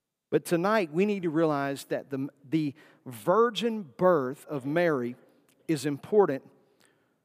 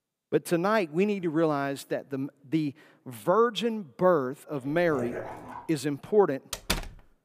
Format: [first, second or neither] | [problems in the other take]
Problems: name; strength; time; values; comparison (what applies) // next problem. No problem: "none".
first | dog barking; noticeable; at 4.5 s; peak 9 dB below the speech // door banging; noticeable; at 6.5 s; peak 3 dB below the speech